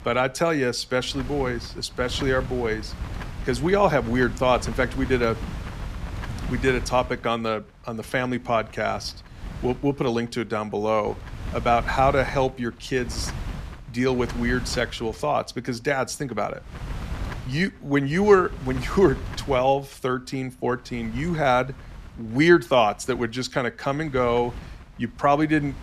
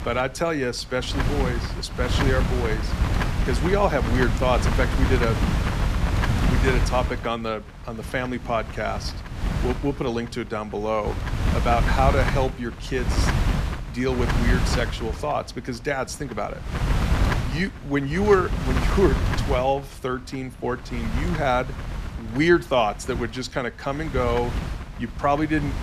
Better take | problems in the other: first | wind noise on the microphone; heavy; 6 dB below the speech; occasional gusts in the first

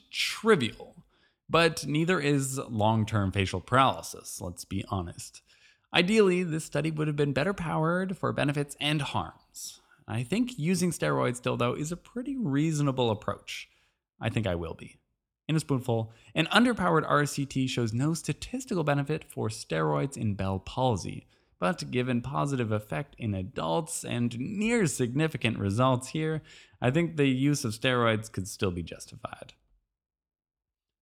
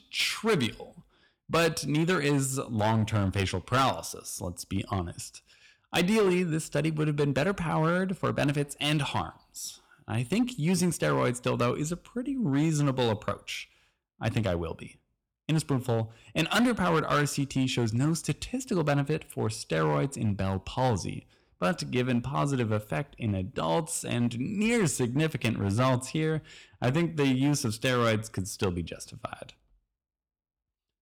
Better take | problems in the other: first | distortion; slight; 5% of the sound clipped

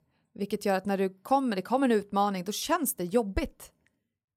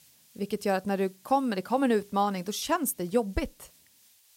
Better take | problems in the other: first | hiss; faint; throughout; 30 dB below the speech

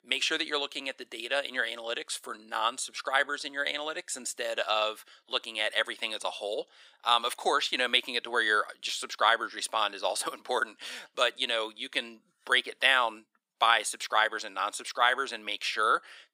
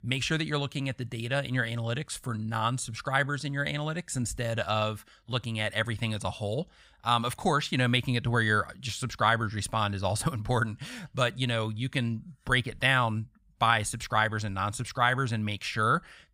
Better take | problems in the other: second | thin; very; fading below 350 Hz

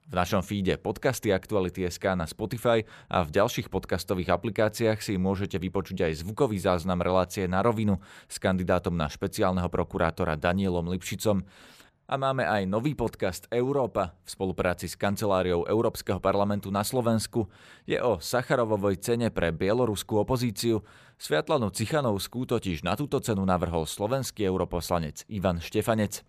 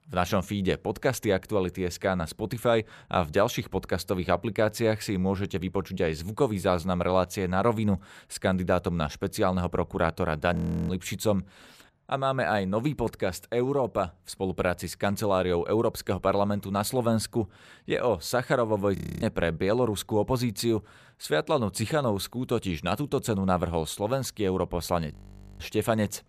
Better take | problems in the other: first | audio freezing; at 11 s, at 19 s and at 25 s

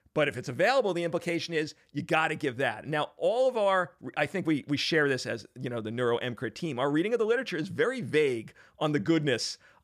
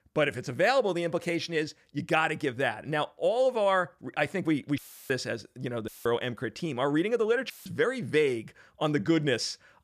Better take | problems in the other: first | audio cutting out; filled with static; at 5 s, at 6 s and at 7.5 s

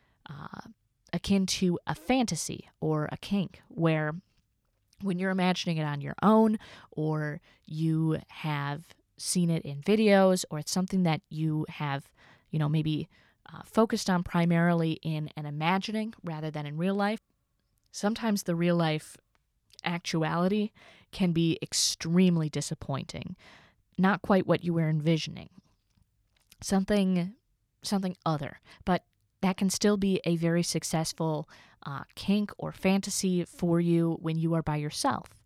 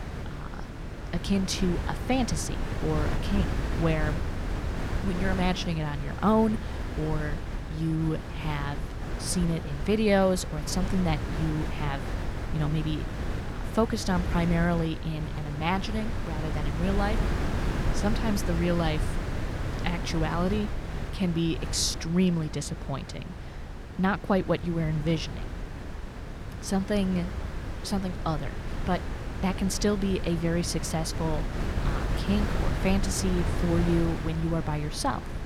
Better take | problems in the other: first | wind noise on the microphone; heavy; 7 dB below the speech

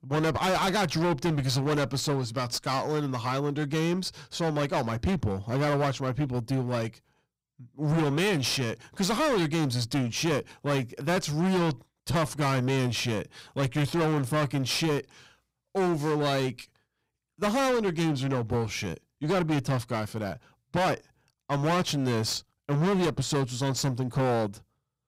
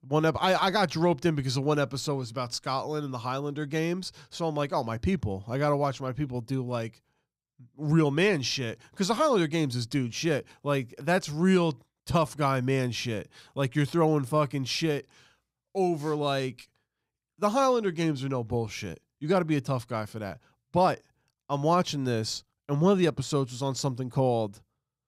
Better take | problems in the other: second | distortion; heavy; 21% of the sound clipped

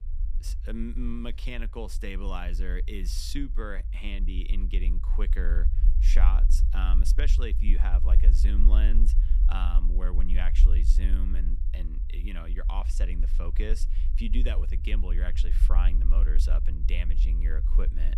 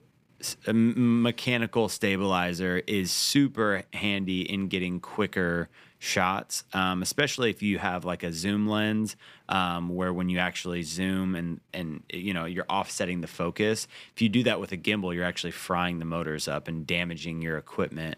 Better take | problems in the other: second | low rumble; loud; throughout; 10 dB below the speech

